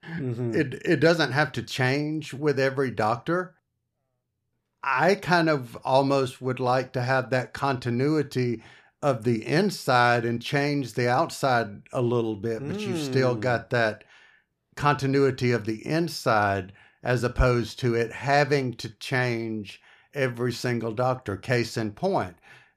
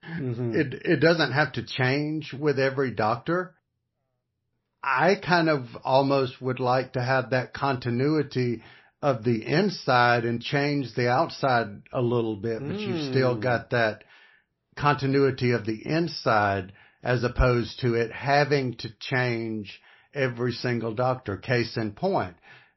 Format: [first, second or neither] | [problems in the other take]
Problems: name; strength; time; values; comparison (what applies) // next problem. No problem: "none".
first | garbled, watery; slightly; nothing above 5.5 kHz